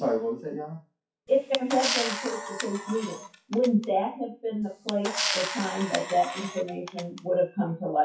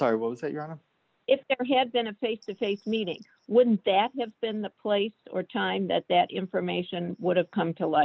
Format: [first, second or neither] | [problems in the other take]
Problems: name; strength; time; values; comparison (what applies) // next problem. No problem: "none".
second | noise reduction (classical method WPE with log-MMSE)